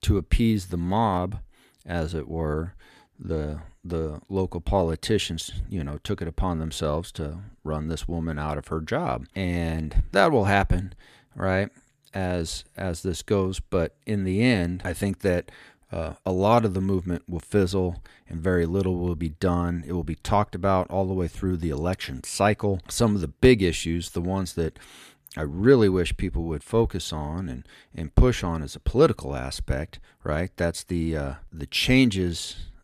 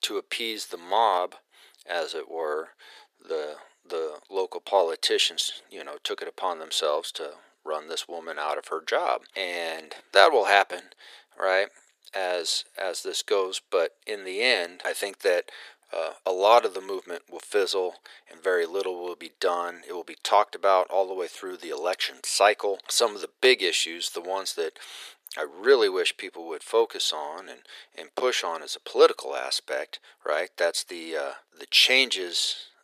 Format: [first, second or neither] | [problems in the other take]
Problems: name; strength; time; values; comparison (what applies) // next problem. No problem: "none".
first | thin; very; fading below 450 Hz